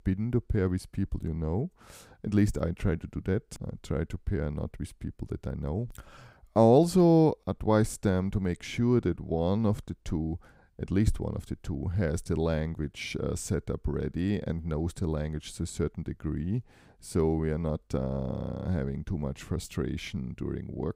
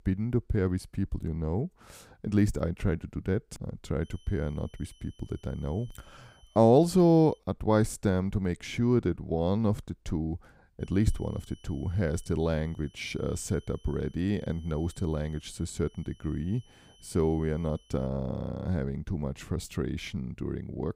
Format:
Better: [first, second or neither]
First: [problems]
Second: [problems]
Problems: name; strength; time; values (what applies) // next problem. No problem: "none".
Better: first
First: none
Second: high-pitched whine; faint; from 4 to 7.5 s and from 11 to 18 s; 3 kHz, 30 dB below the speech